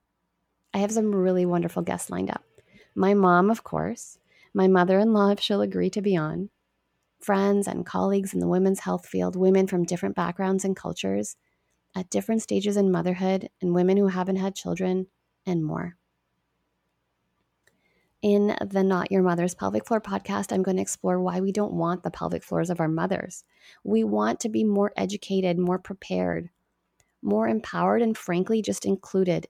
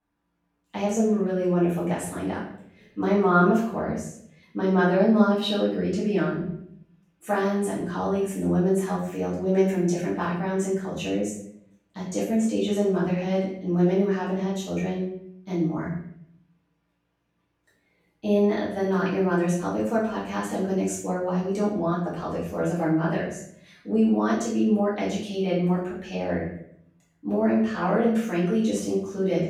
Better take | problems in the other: first | off-mic speech; far // room echo; noticeable; dies away in 0.6 s

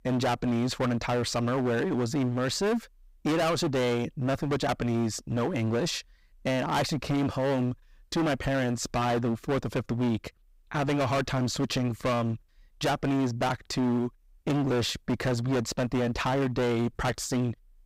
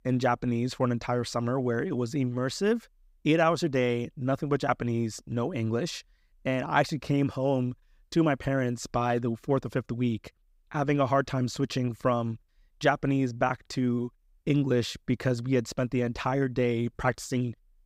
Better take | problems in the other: second | distortion; heavy; 22% of the sound clipped

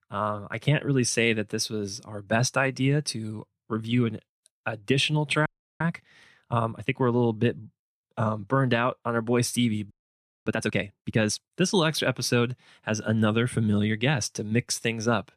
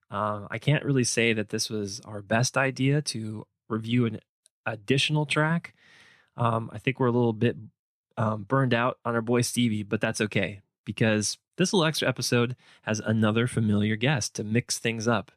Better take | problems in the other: second | audio freezing; at 5.5 s and at 10 s for 0.5 s

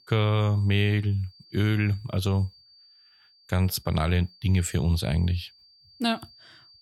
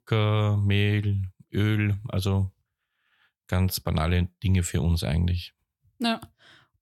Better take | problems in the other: second | high-pitched whine; faint; throughout; 4.5 kHz, 25 dB below the speech

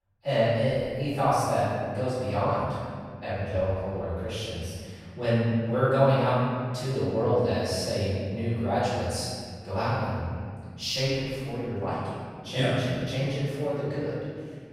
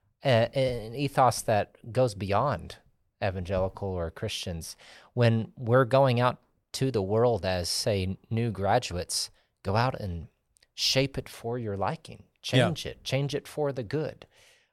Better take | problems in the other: second | off-mic speech; far // room echo; strong; dies away in 2.1 s

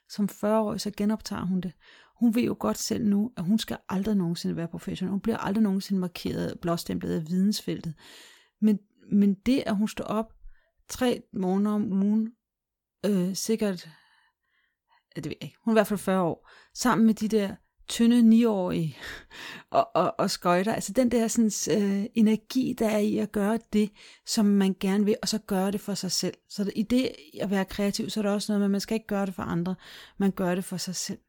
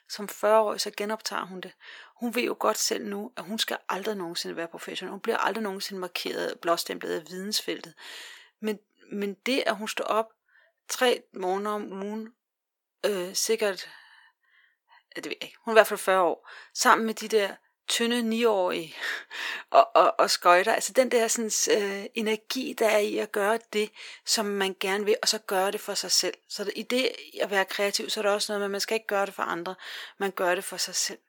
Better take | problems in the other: first | thin; very; fading below 400 Hz

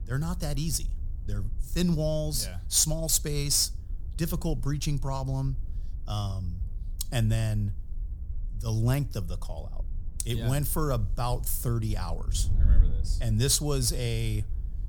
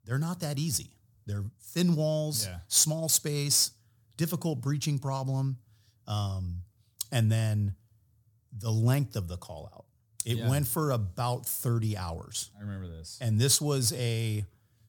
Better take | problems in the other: second | wind noise on the microphone; occasional gusts; 25 dB below the speech

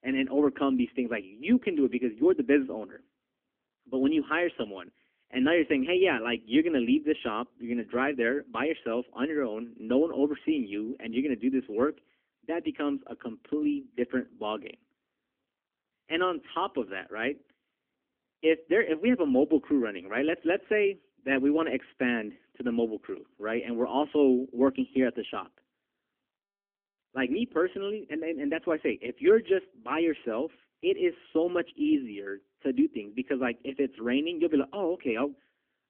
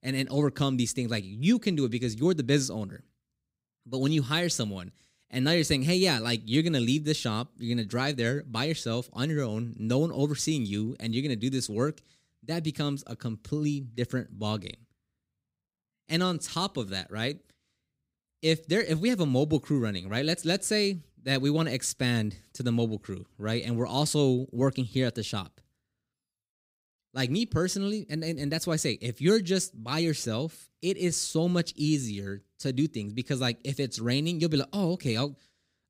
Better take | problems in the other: second | phone-call audio; nothing above 3.5 kHz

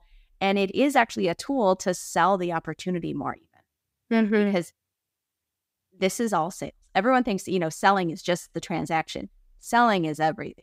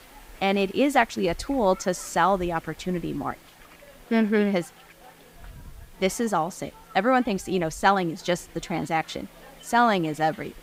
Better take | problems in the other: first | hiss; faint; throughout; 25 dB below the speech

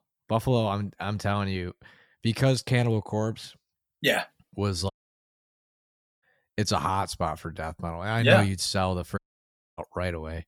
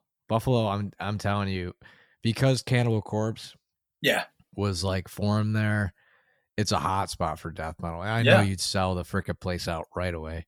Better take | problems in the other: second | audio cutting out; at 5 s for 1.5 s and at 9 s for 0.5 s

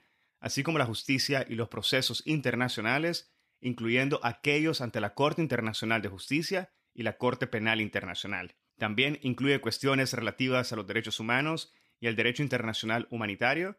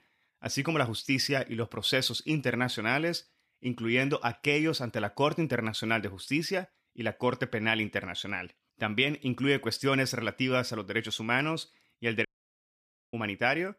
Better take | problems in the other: first | audio cutting out; at 12 s for 1 s

